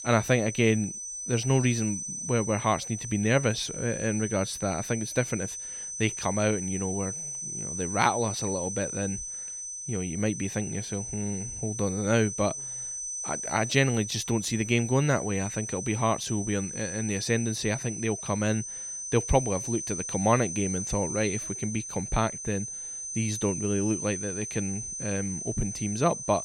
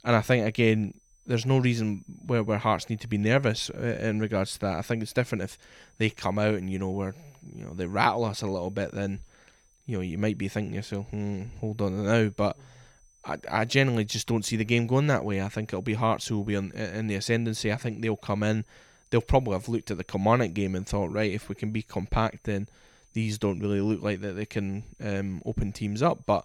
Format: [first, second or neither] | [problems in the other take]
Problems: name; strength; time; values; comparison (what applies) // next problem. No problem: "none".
second | high-pitched whine; loud; throughout; 6 kHz, 5 dB below the speech; faint in the second